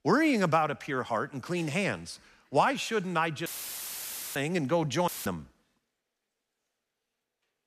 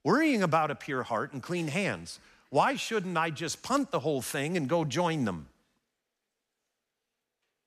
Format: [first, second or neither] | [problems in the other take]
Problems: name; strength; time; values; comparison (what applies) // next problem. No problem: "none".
second | audio cutting out; filled with static; at 3.5 s for 1 s and at 5 s